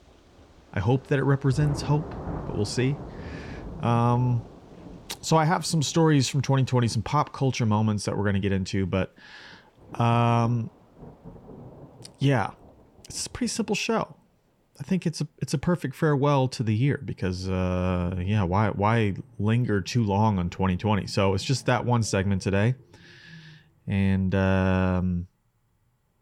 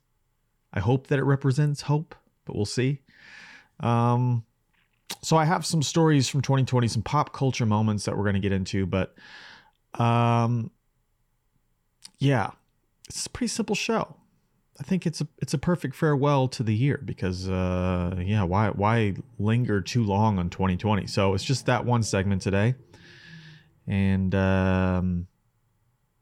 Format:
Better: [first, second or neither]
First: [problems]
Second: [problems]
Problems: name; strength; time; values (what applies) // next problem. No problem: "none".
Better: second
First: rain or running water; noticeable; throughout; 15 dB below the speech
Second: none